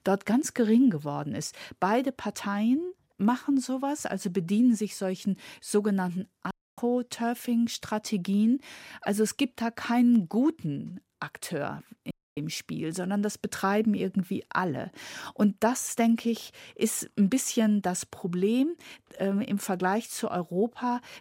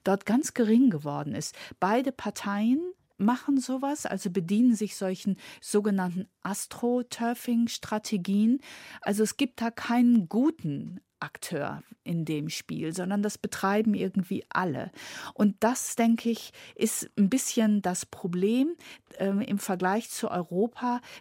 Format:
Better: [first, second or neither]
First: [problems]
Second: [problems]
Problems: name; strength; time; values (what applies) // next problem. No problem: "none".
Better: second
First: audio cutting out; at 6.5 s and at 12 s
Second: none